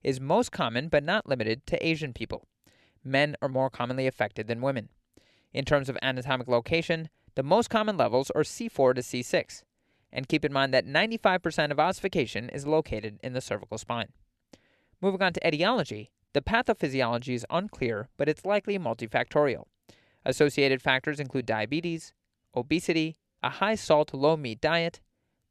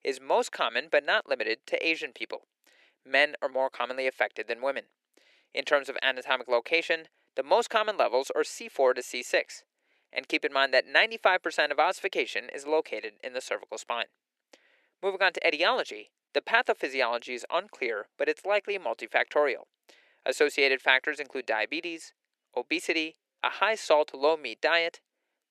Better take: first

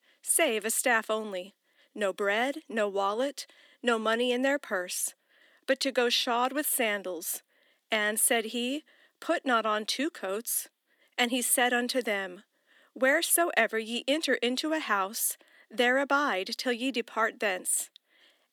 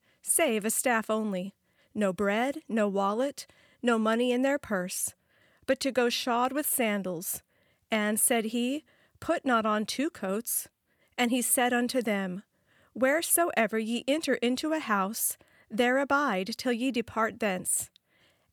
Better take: second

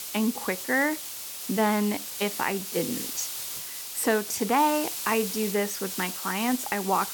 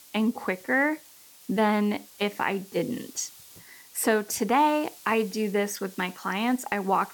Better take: second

